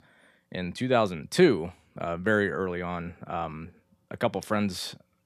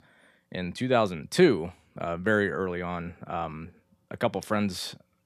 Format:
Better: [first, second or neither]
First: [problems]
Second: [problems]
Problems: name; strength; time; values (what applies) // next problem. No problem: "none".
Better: neither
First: none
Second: none